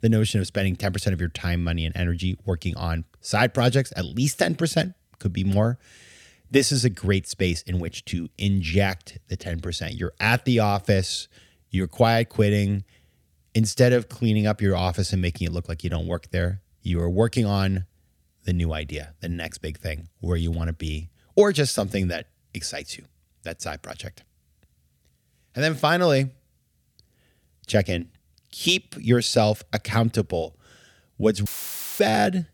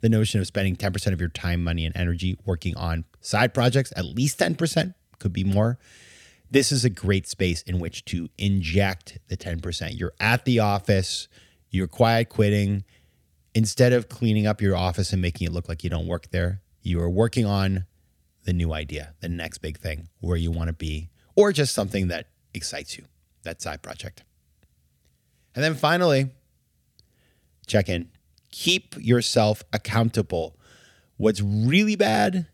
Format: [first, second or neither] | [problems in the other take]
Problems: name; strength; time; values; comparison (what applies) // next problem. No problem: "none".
second | audio cutting out; filled with static; at 31 s for 0.5 s